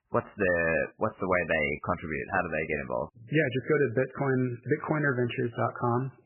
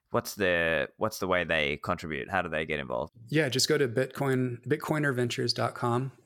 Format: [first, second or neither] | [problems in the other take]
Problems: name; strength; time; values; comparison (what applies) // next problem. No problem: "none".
second | garbled, watery; badly; nothing above 3 kHz